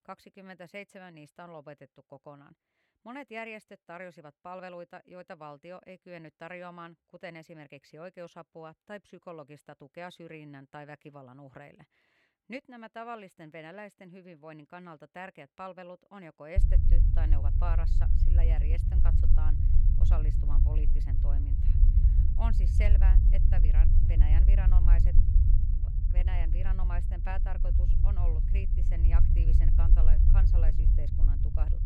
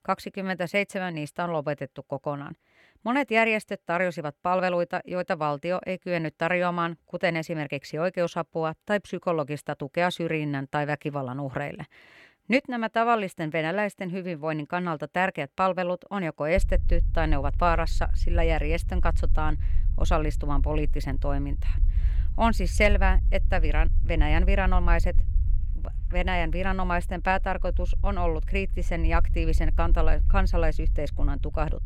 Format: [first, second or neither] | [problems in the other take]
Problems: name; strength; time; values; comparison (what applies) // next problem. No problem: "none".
second | low rumble; loud; from 17 s on; 2 dB below the speech; faint in the second